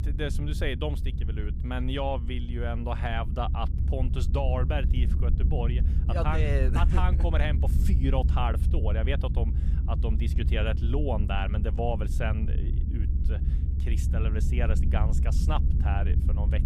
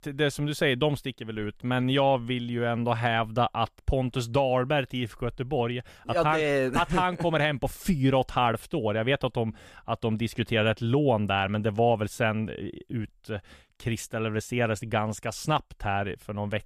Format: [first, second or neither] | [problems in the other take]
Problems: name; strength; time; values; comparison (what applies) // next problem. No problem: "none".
second | low rumble; loud; throughout; 9 dB below the speech